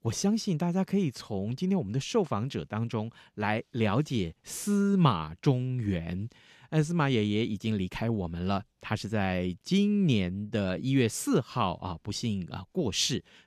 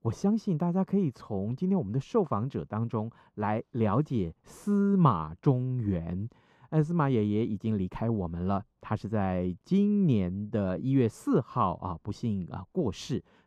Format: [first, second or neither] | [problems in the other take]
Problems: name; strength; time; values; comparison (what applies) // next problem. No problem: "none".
first | muffled; very; fading above 1.5 kHz